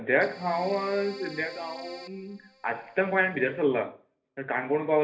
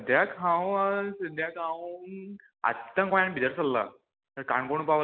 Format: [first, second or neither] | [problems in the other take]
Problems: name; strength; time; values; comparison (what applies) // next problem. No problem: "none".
second | background sound (Keyboard (musical)); 17 dB below the speech // room echo; dies away in 0.3 s